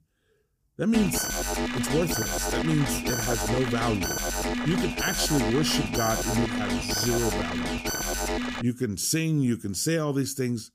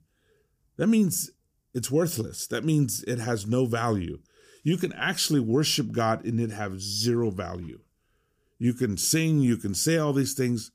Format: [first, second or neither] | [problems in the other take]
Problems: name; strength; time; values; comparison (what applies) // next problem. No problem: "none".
second | alarm; loud; from 1 to 8.5 s; peak level with the speech